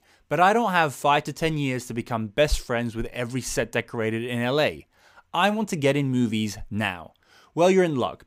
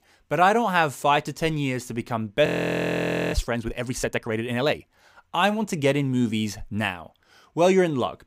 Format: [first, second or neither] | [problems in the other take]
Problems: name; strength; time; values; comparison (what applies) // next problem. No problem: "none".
first | audio freezing; at 2.5 s for 1 s